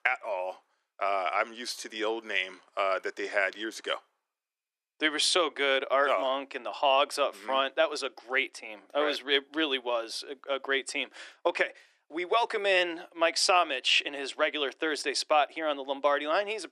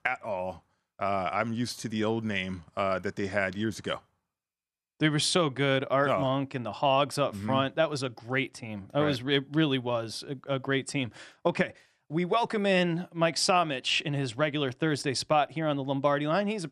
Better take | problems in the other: second | thin; very; fading below 350 Hz

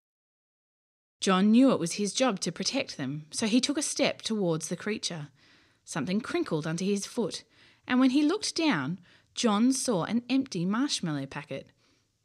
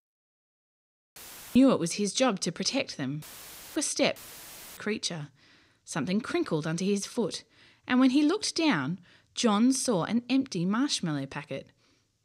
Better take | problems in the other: first | audio cutting out; filled with static; at 1 s, at 3 s for 0.5 s and at 4 s for 0.5 s

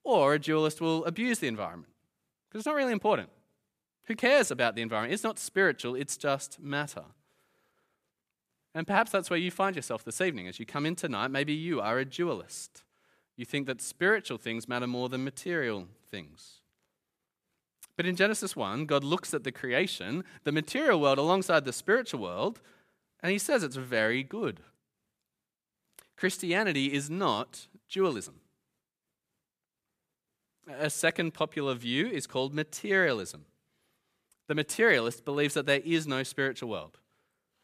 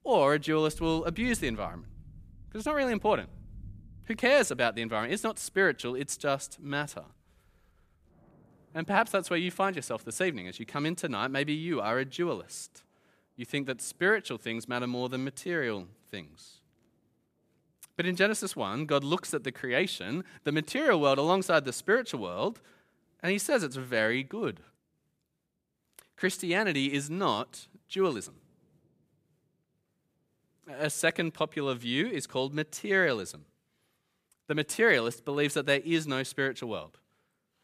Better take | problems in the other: first | rain or running water; faint; throughout; 25 dB below the speech

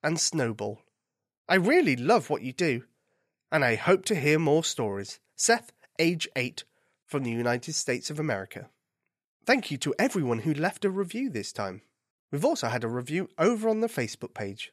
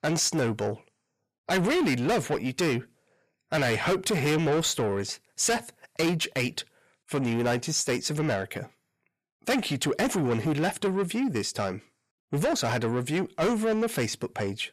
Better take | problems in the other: first | distortion; heavy; 6 dB below the speech

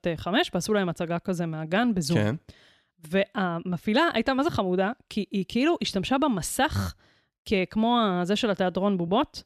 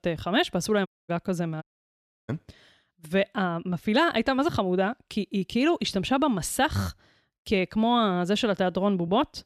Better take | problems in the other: first | audio cutting out; at 1 s and at 1.5 s for 0.5 s

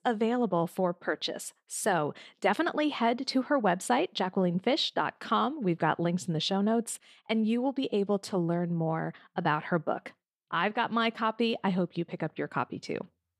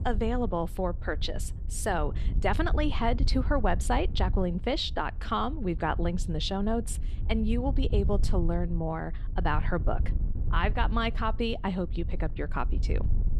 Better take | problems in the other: first | wind noise on the microphone; occasional gusts; 20 dB below the speech

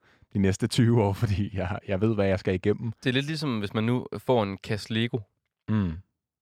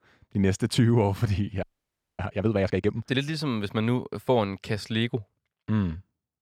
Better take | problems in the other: first | audio freezing; at 1.5 s for 0.5 s

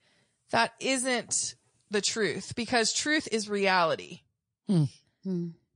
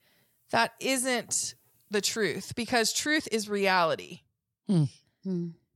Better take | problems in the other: second | garbled, watery; slightly; nothing above 8 kHz

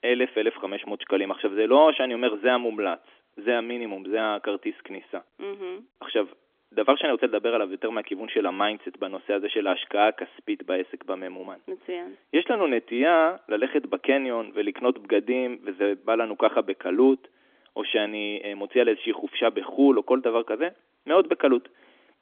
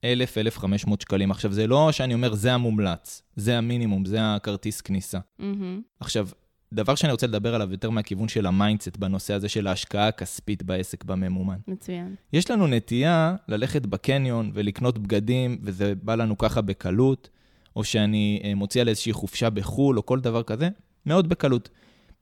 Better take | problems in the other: second | phone-call audio; nothing above 3.5 kHz

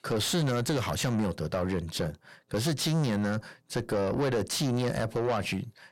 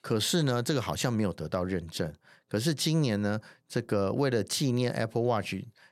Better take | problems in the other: second | distortion; heavy; 7 dB below the speech

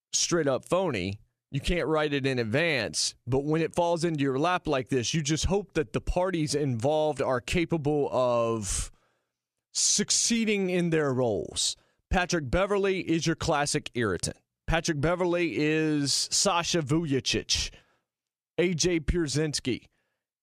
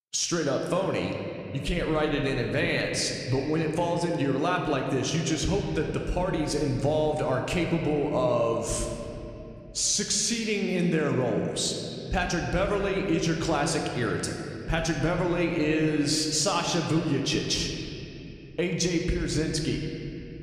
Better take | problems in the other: first | room echo; slight; dies away in 2.7 s

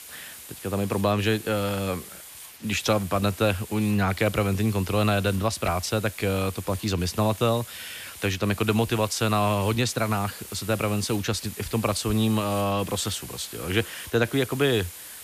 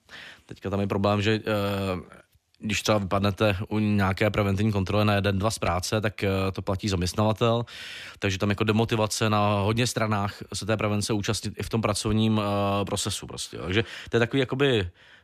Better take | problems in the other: second | hiss; noticeable; throughout; 15 dB below the speech

